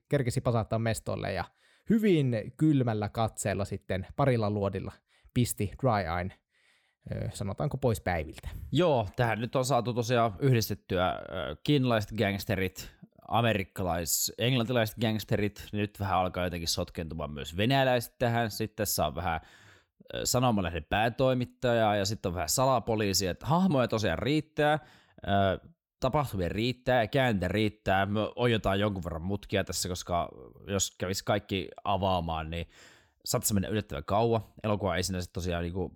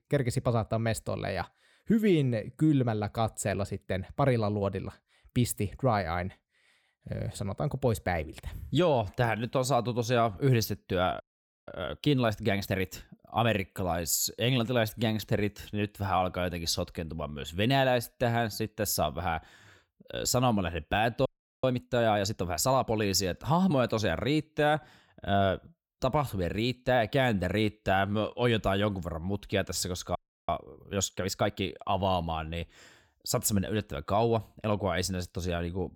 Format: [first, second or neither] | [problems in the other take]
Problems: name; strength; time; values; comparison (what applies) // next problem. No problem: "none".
first | audio freezing; at 11 s, at 21 s and at 30 s